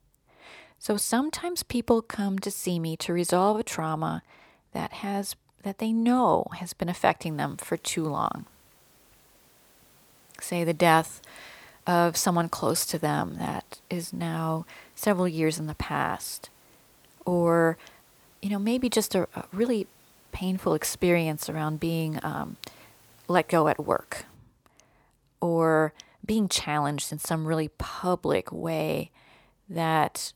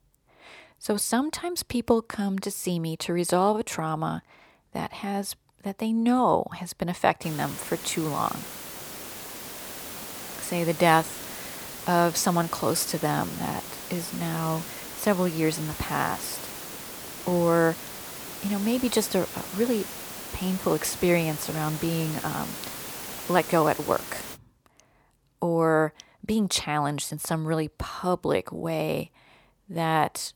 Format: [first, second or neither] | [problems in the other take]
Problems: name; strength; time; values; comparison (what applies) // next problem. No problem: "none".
first | hiss; loud; from 7 to 24 s; 9 dB below the speech; faint in the first